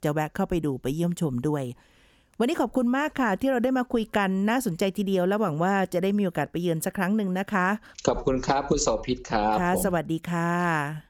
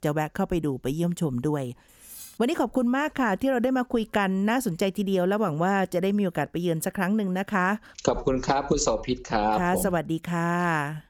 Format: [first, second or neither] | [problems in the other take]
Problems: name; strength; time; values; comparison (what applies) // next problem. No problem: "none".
first | clattering dishes; faint; at 2 s; peak 15 dB below the speech